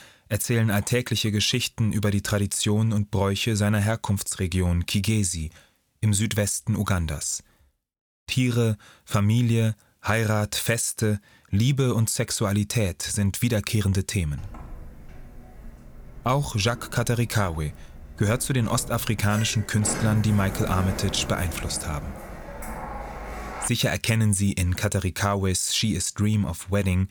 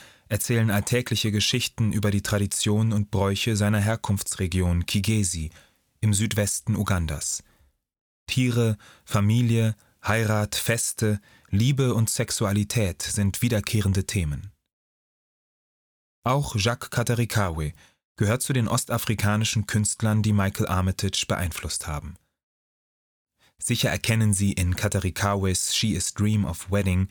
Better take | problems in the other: second | door banging; noticeable; from 14 to 24 s; peak 6 dB below the speech

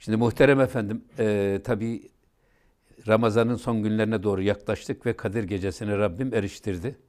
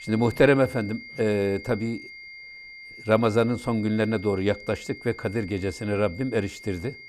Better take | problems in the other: first | high-pitched whine; noticeable; throughout; 2 kHz, 15 dB below the speech

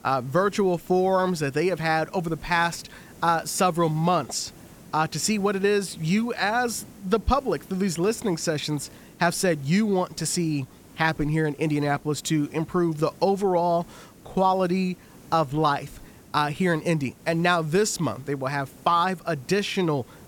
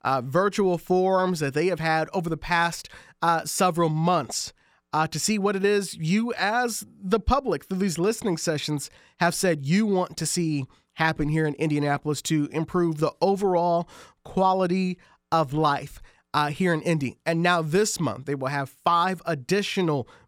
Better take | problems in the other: second | hiss; faint; throughout; 25 dB below the speech

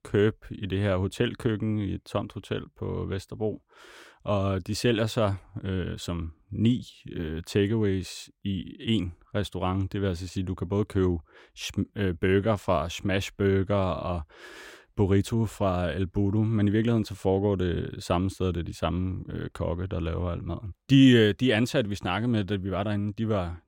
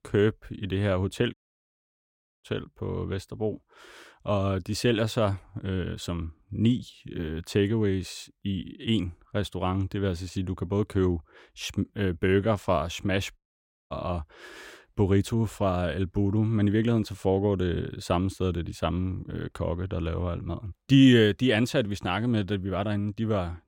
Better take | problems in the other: first | audio cutting out; at 1.5 s for 1 s and at 13 s for 0.5 s

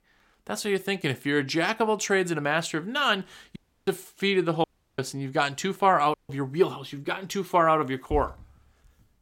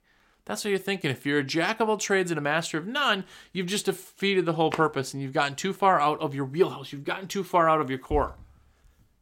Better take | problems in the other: second | audio cutting out; at 3.5 s, at 4.5 s and at 6 s

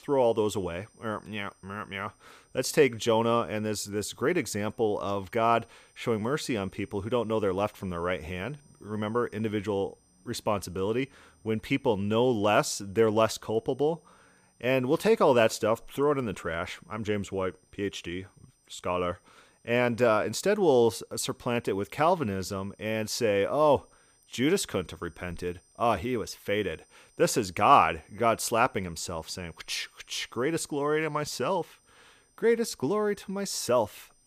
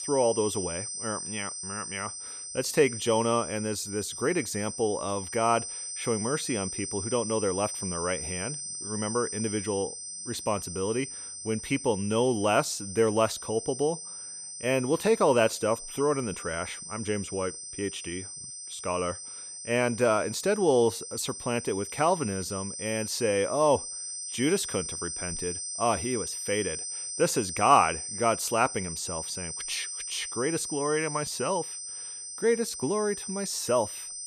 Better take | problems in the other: first | high-pitched whine; loud; throughout; 8.5 kHz, 6 dB below the speech; faint in the first

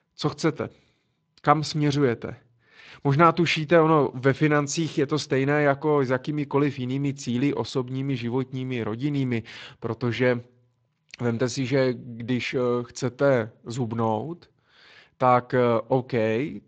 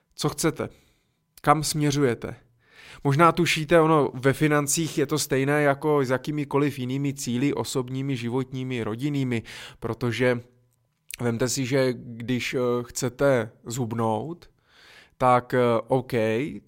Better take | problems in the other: second | garbled, watery; slightly; nothing above 7.5 kHz

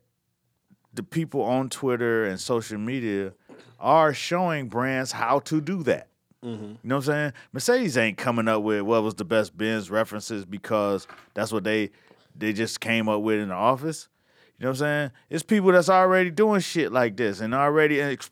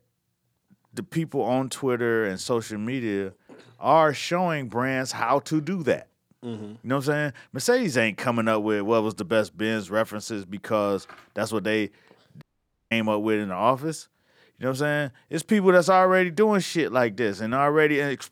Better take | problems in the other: first | audio cutting out; at 12 s

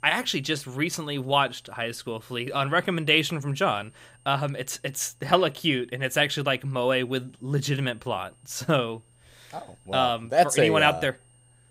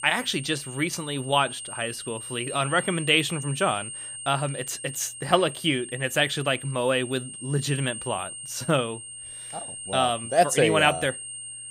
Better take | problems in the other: first | high-pitched whine; loud; throughout; 8.5 kHz, 10 dB below the speech; faint in the first

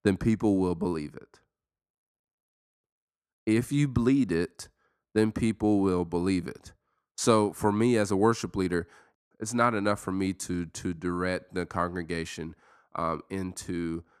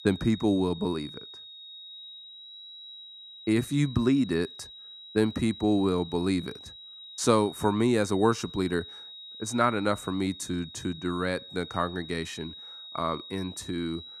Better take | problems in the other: first | high-pitched whine; noticeable; throughout; 4 kHz, 15 dB below the speech

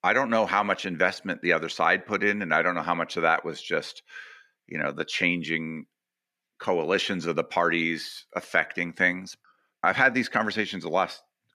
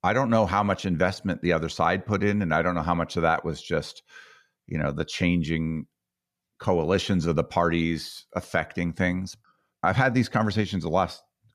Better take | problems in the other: second | thin; somewhat; fading below 300 Hz

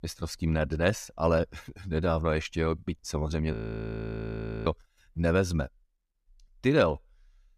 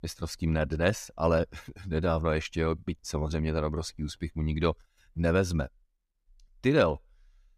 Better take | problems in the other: second | audio freezing; at 3.5 s for 1 s

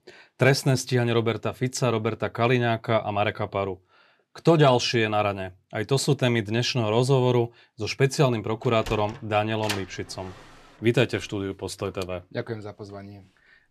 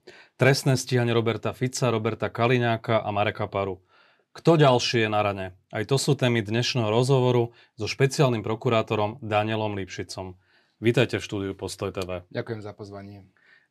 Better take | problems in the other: second | door banging; noticeable; from 8.5 to 10 s; peak 8 dB below the speech

